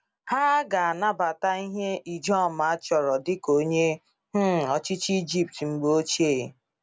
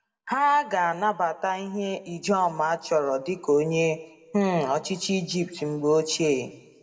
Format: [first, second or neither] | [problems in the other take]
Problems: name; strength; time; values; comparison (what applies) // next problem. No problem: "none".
first | room echo; dies away in 1 s